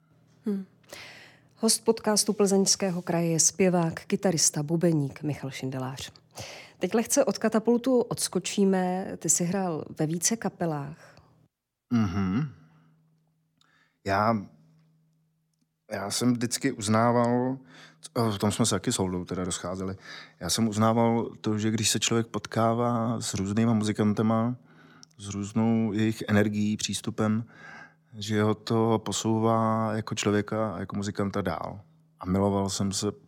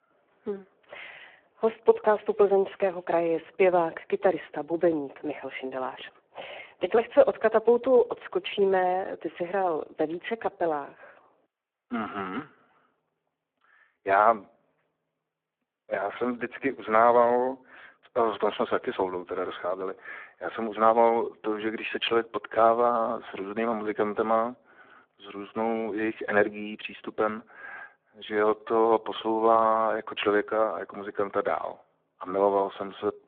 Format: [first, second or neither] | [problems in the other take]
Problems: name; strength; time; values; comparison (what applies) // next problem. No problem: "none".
first | phone-call audio; poor line